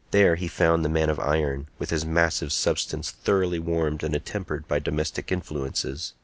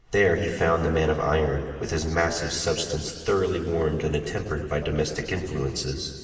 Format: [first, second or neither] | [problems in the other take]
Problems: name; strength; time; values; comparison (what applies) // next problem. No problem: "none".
first | room echo; dies away in 2.3 s